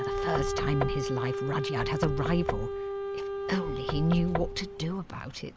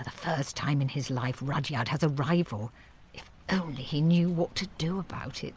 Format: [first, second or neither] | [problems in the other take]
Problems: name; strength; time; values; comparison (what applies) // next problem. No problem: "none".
second | background sound (Wind instrument, woodwind instrument + Knock / Wood); 1 dB below the speech